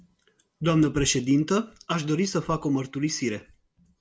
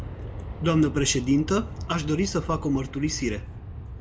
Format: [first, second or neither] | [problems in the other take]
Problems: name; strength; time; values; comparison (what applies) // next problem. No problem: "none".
first | background sound (Aircraft); 9 dB below the speech